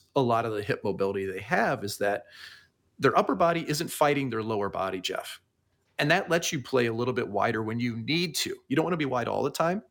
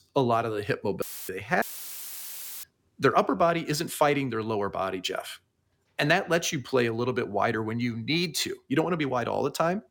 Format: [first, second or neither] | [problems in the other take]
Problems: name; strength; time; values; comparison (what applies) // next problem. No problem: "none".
first | audio cutting out; filled with static; at 1 s and at 1.5 s for 1 s